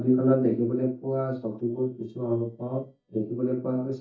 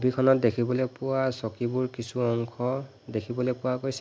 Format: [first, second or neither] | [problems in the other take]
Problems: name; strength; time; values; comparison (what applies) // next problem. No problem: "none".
second | noise reduction (neural mask model DeepFilterNet 3)